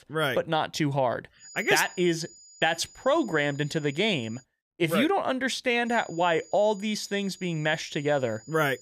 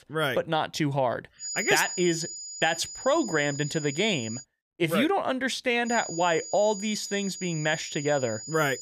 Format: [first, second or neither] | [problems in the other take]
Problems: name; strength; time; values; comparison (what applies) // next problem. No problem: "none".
first | high-pitched whine; loud; from 1.5 to 4.5 s and from 6 s on; 7 kHz, 9 dB below the speech; faint in the first